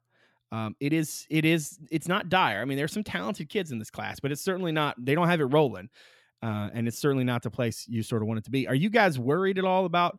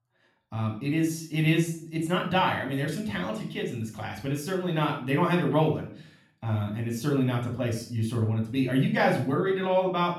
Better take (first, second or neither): first